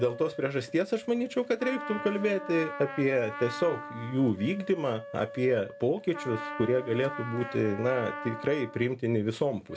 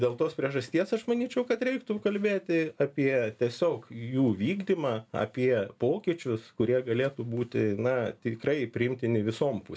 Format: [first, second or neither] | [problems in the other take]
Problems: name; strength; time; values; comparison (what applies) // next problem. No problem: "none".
second | background sound (Trumpet + Wind instrument, woodwind instrument); 12 dB below the speech